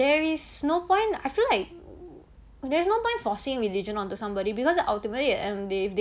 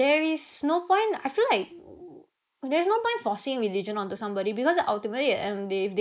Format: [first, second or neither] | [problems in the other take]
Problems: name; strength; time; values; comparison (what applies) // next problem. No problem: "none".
first | noise reduction (neural mask model Resemble Enhance denoiser)